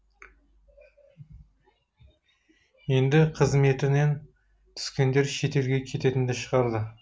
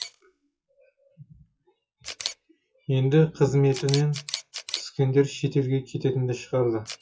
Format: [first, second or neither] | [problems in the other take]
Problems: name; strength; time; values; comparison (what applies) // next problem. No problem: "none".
first | noise reduction (classical method WPE with log-MMSE)